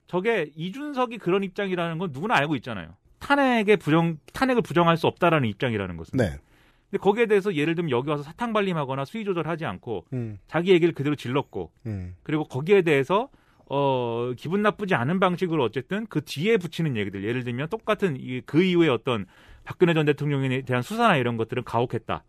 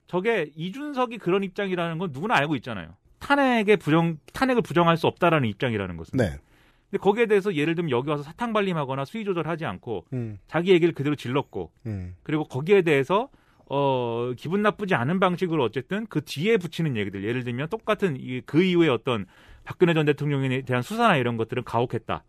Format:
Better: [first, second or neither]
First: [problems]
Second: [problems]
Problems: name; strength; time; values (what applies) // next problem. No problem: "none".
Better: neither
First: none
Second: none